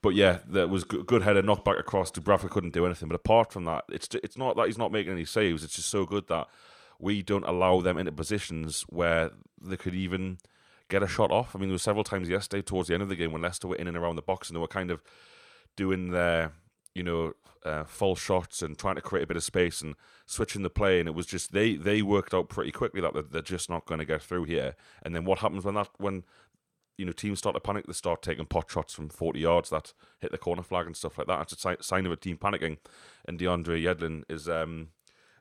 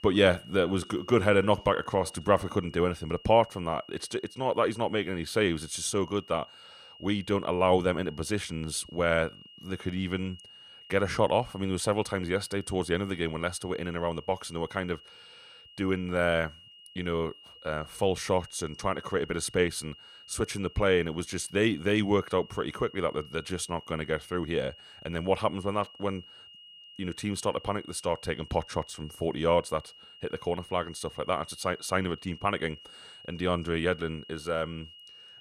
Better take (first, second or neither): first